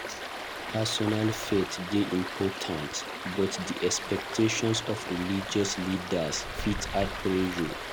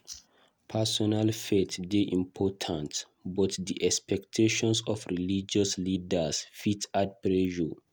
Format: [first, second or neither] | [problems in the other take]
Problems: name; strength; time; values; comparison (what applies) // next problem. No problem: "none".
second | background sound (Stream); 6 dB below the speech